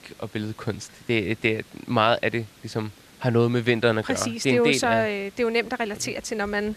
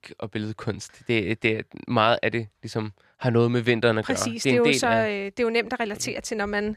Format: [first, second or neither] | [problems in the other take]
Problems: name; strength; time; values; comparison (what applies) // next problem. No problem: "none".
second | hiss; faint; throughout; 25 dB below the speech